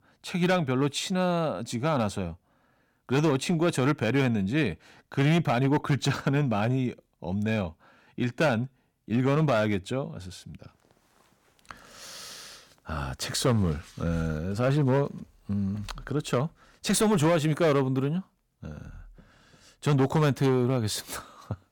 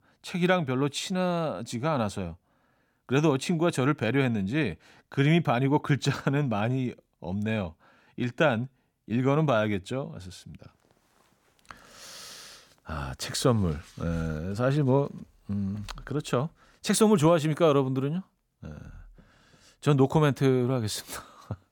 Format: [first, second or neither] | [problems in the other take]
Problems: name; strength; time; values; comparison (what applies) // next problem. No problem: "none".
second | distortion; slight; 6% of the sound clipped